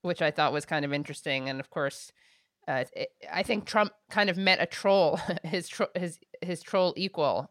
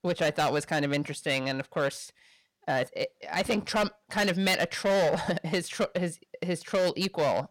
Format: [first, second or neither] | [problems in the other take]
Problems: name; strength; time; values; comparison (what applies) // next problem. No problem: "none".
first | distortion; heavy; 9% of the sound clipped